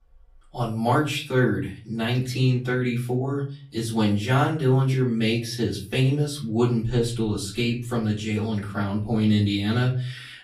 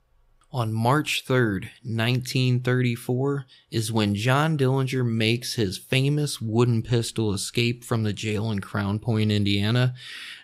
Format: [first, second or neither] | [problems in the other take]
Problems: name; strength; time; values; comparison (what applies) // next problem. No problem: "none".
second | room echo; slight; dies away in 0.4 s // off-mic speech; far